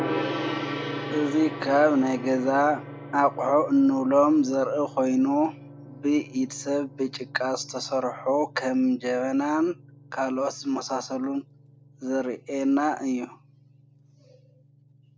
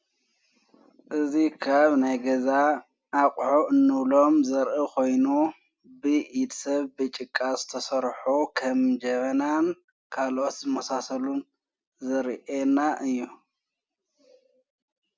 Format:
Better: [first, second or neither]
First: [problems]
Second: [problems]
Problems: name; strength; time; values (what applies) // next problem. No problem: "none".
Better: second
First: background sound (Gong); 12 dB below the speech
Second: none